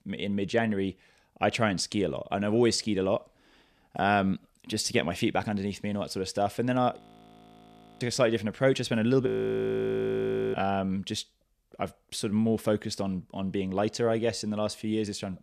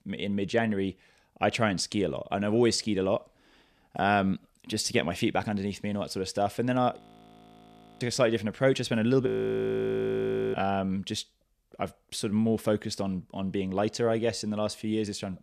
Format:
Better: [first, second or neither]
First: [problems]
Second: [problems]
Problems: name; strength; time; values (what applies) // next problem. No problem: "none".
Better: neither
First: audio freezing; at 7 s for 1 s and at 9.5 s for 1.5 s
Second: audio freezing; at 7 s for 1 s and at 9.5 s for 1.5 s